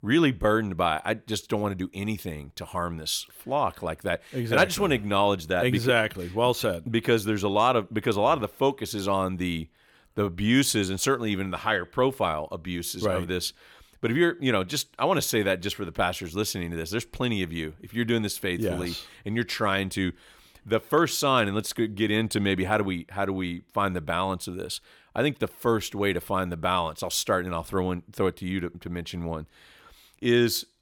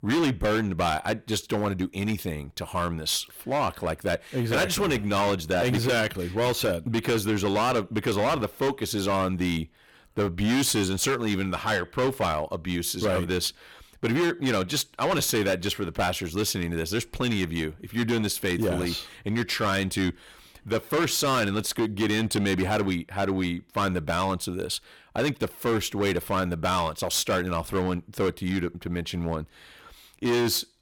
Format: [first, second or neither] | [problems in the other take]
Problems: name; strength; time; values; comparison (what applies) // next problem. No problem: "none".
first | distortion; heavy; 13% of the sound clipped